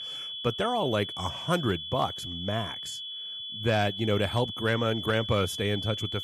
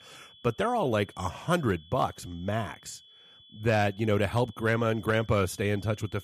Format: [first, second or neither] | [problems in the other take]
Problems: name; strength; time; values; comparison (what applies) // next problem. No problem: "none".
second | high-pitched whine; loud; throughout; 3.5 kHz, 6 dB below the speech; faint in the second